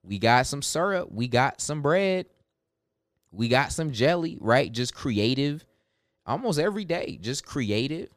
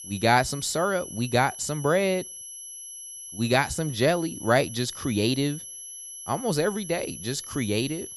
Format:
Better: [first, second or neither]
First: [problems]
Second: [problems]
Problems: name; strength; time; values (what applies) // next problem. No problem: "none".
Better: first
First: none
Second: high-pitched whine; noticeable; throughout; 11 kHz, 10 dB below the speech